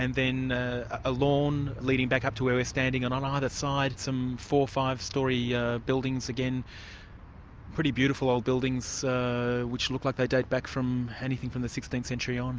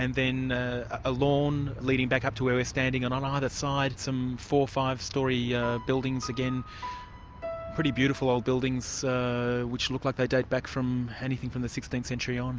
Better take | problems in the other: first | background sound (Piano); 14 dB below the speech

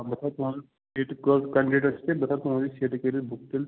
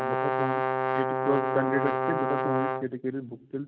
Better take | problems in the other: first | noise reduction (neural mask model RNNoise)

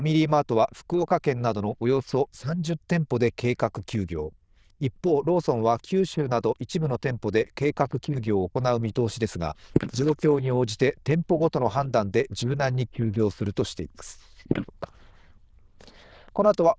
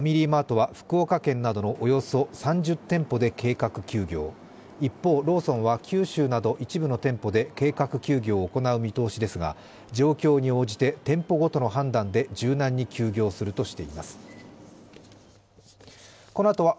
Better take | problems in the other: second | noise reduction (neural diffusion model UNIVERSE++)

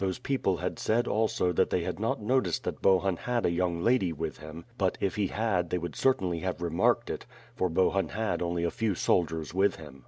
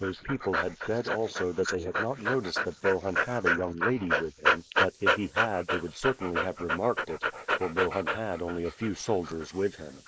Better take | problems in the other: first | noise reduction (neural mask model Resemble Enhance denoiser)

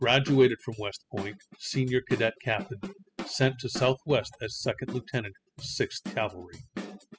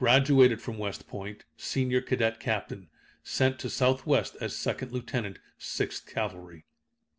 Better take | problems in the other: second | noise reduction (classical method spectral subtraction)

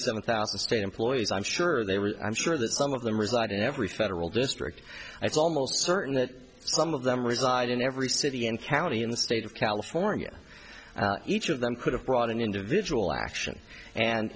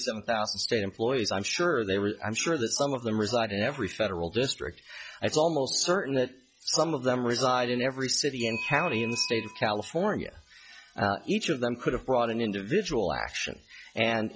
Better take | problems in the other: first | noise reduction (classical method log-MMSE)

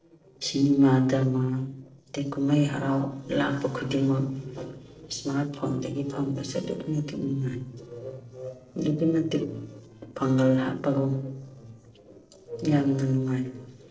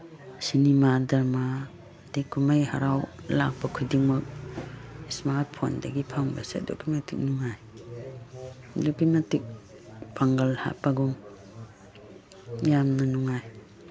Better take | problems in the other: second | noise reduction (neural separator model SepFormer DNS4)

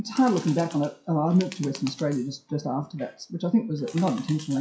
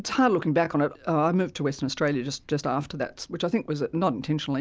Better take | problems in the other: second | noise reduction (classical method WPE with log-MMSE)

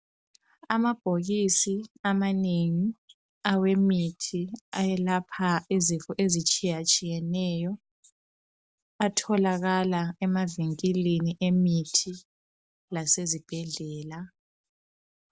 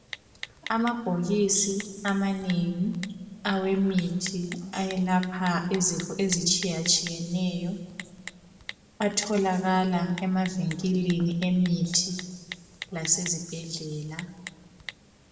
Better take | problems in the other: first | background sound (Typing); 17 dB below the speech // room echo; dies away in 1.4 s

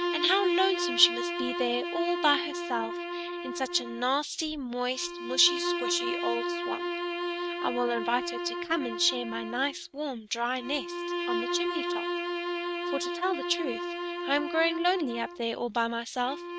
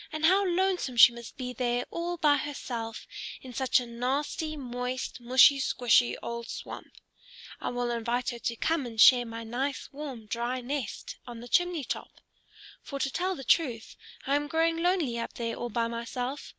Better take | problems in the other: second | noise reduction (neural mask model RNNoise)

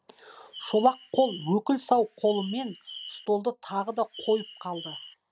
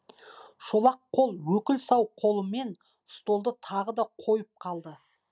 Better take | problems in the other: second | background sound (Bird); 16 dB below the speech

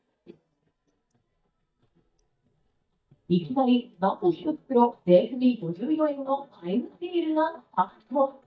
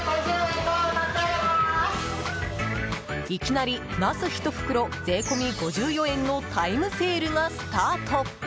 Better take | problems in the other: second | noise reduction (neural mask model DeepFilterNet 3)

